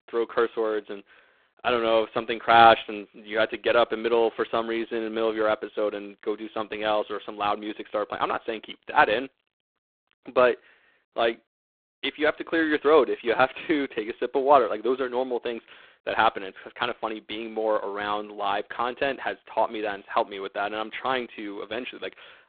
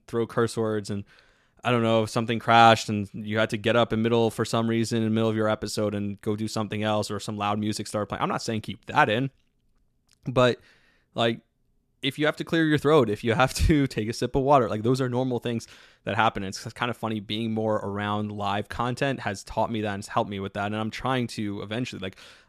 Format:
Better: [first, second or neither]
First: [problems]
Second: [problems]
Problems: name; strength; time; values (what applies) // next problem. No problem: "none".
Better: second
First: phone-call audio; poor line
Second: none